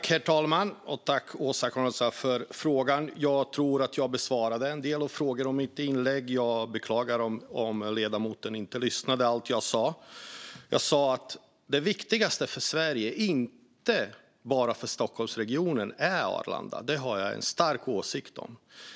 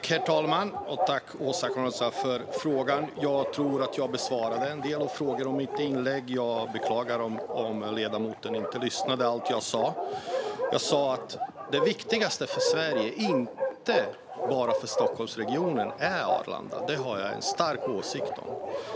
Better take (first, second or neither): first